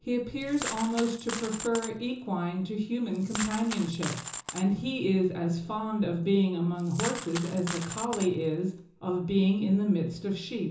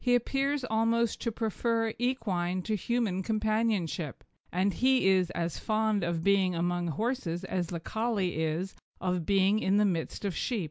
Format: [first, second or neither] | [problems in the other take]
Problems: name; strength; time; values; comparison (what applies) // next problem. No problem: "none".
second | background sound (Coin (dropping)); 10 dB below the speech // room echo; dies away in 0.6 s